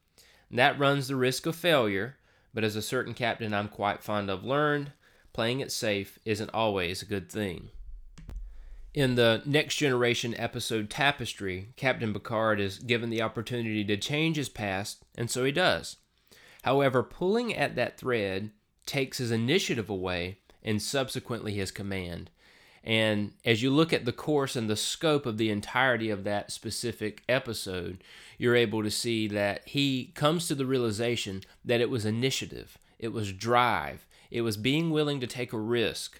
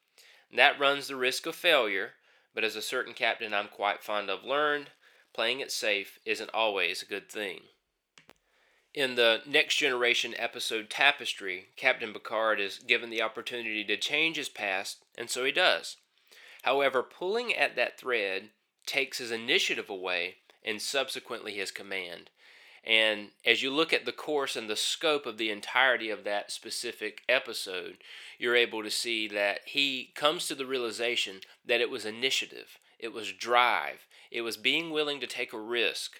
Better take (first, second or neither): first